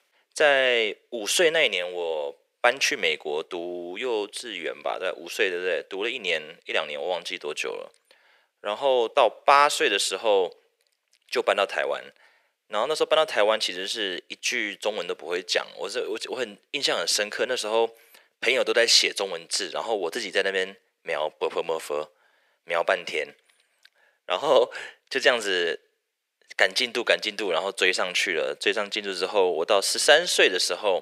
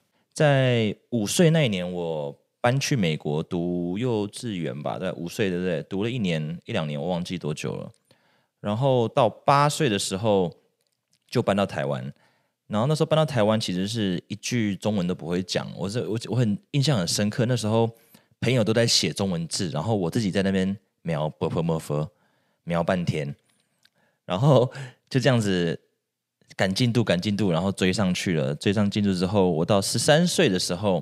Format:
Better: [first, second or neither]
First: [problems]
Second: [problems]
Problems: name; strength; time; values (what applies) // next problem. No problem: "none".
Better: second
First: thin; very; fading below 400 Hz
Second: none